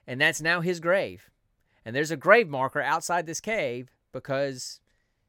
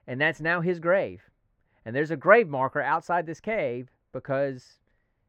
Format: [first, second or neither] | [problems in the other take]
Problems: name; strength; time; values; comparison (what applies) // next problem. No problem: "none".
first | muffled; very; fading above 4 kHz